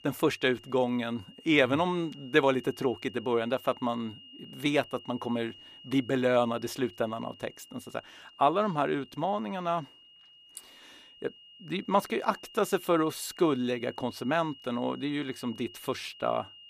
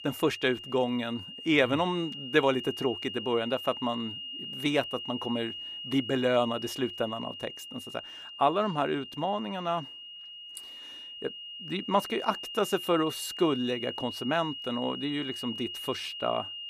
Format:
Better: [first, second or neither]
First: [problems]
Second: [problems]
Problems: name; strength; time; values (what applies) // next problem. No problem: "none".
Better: first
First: high-pitched whine; faint; throughout; 3 kHz, 20 dB below the speech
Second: high-pitched whine; loud; throughout; 3 kHz, 8 dB below the speech